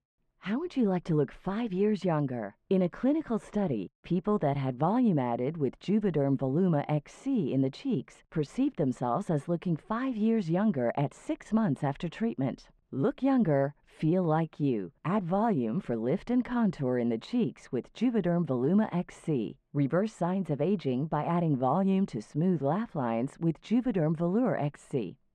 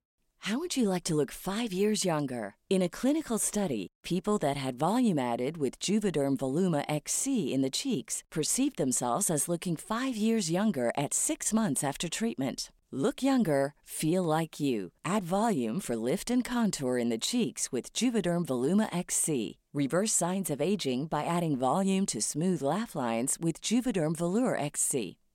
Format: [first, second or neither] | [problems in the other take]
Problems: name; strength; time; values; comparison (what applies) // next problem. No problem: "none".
second | muffled; very; fading above 2 kHz